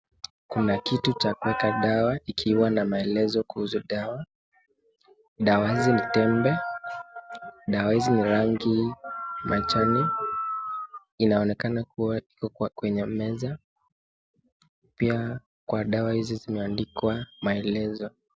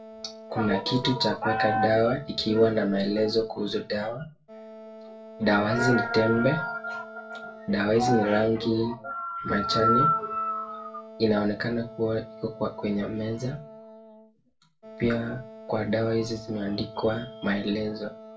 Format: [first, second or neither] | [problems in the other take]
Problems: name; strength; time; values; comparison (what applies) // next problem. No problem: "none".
first | background sound (Wind instrument, woodwind instrument); 18 dB below the speech // room echo; dies away in 0.2 s